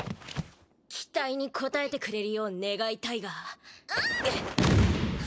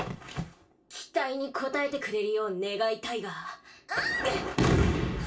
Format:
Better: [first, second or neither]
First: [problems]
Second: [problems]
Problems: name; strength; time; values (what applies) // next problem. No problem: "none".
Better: first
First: none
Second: room echo; dies away in 0.2 s